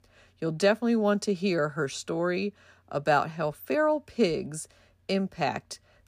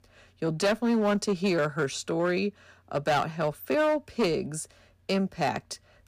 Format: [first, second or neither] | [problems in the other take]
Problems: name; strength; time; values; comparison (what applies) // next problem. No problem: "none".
first | distortion; slight; 7% of the sound clipped